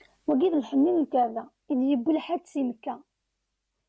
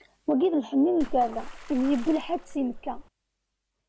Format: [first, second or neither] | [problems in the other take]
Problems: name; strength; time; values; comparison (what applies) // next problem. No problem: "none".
first | background sound (Water / Splash, splatter); 10 dB below the speech